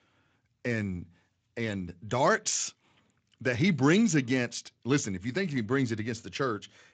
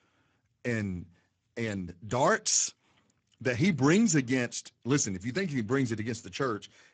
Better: first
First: garbled, watery; slightly; nothing above 7.5 kHz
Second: garbled, watery; badly; nothing above 7.5 kHz

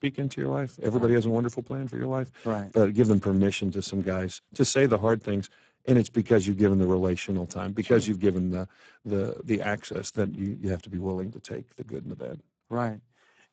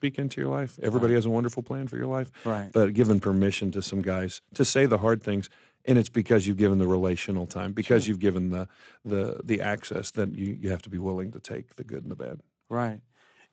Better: second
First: garbled, watery; badly; nothing above 7.5 kHz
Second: garbled, watery; slightly; nothing above 7.5 kHz

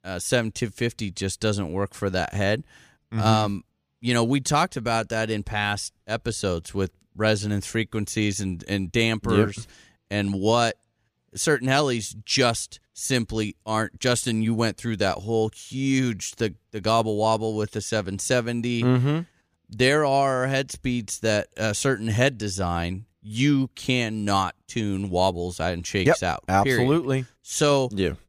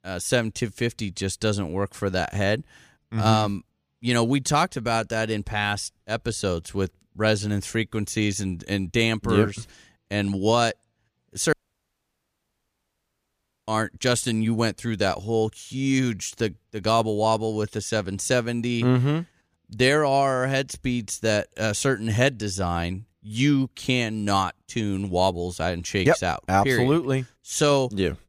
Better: first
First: none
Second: audio cutting out; at 12 s for 2 s

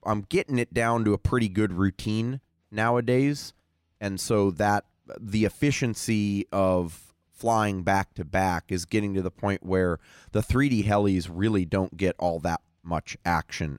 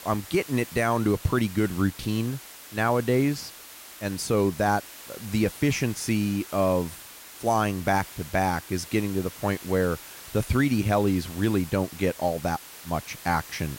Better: first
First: none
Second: hiss; noticeable; throughout; 15 dB below the speech

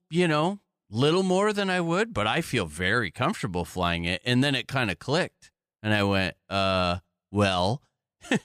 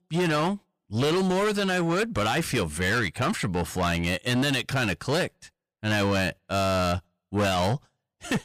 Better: first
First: none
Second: distortion; heavy; 7 dB below the speech

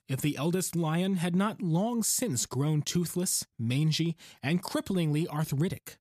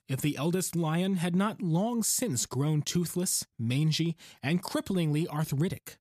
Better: neither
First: none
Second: none

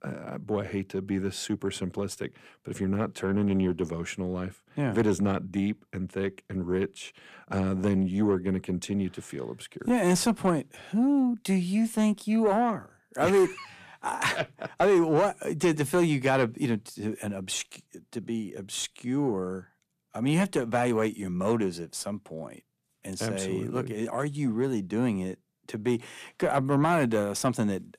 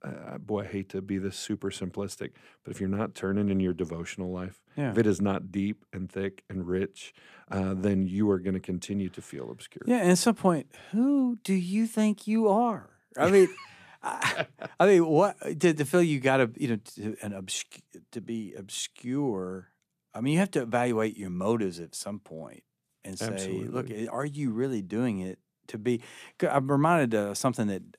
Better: second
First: distortion; slight; 10 dB below the speech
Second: none

